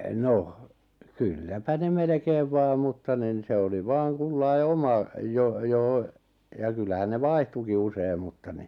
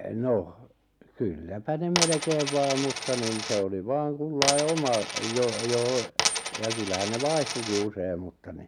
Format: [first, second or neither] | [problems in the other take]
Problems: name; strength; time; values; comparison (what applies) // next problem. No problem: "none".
first | background sound (Coin (dropping)); 2 dB below the speech